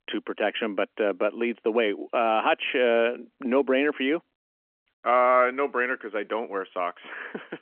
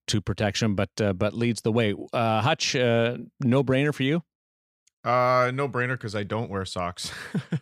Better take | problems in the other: second | phone-call audio; nothing above 3 kHz

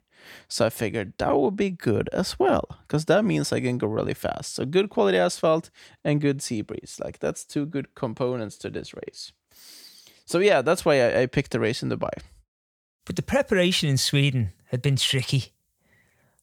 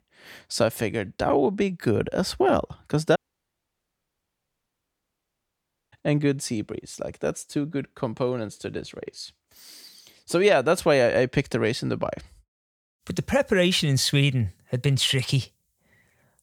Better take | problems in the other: first | audio cutting out; at 3 s for 3 s

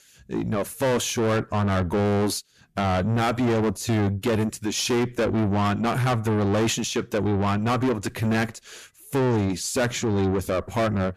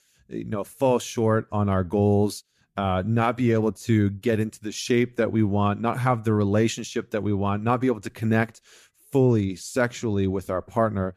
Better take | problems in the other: second | distortion; heavy; 6 dB below the speech

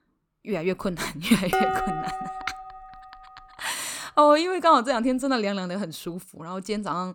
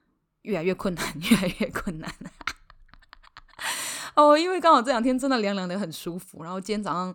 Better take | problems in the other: second | clattering dishes; loud; from 1.5 to 2.5 s; peak level with the speech

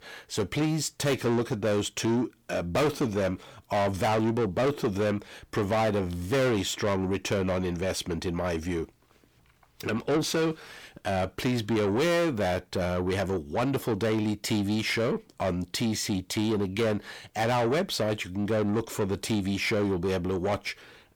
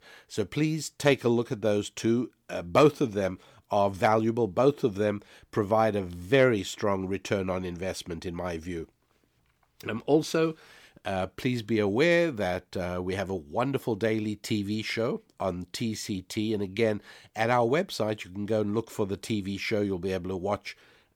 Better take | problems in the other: second | distortion; heavy; 6 dB below the speech

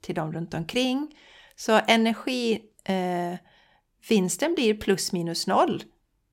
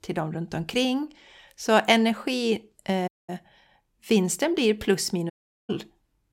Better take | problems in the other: first | audio cutting out; at 3 s and at 5.5 s

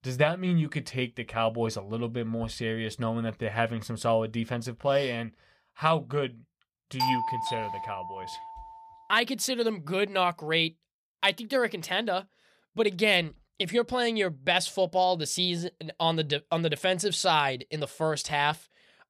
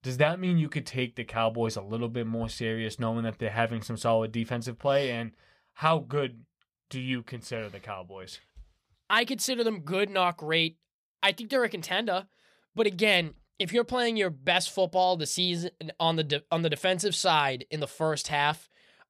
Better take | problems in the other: second | doorbell; loud; from 7 to 8.5 s; peak level with the speech

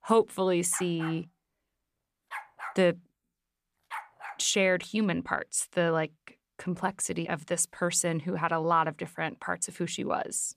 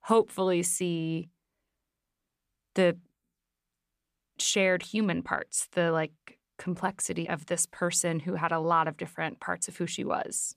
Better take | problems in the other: second | dog barking; faint; from 0.5 to 4.5 s; peak 10 dB below the speech

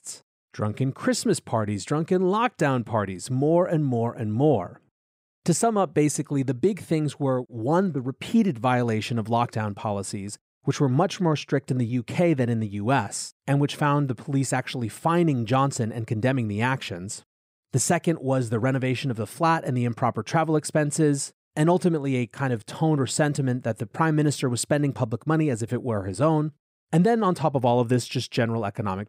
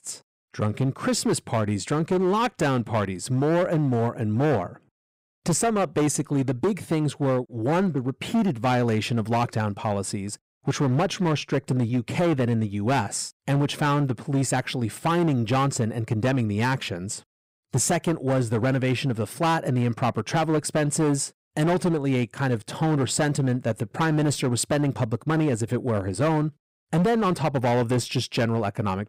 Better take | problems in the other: first | distortion; slight; 13% of the sound clipped

